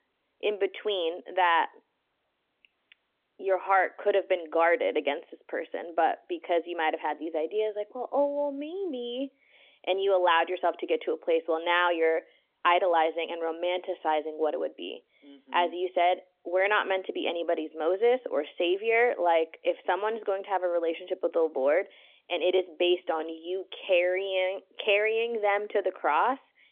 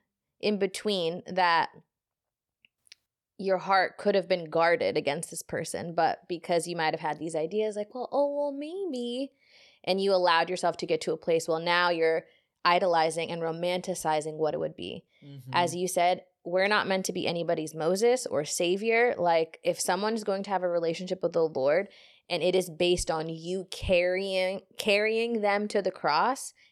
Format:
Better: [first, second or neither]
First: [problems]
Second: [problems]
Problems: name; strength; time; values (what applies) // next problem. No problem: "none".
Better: second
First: phone-call audio; nothing above 3.5 kHz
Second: none